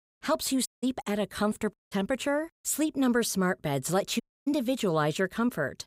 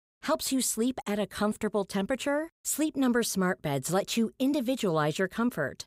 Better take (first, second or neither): second